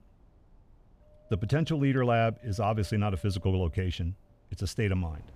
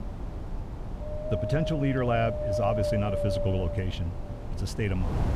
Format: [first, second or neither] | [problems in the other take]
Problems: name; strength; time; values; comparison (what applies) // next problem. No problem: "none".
first | wind noise on the microphone; heavy; 1 dB above the speech; occasional gusts in the first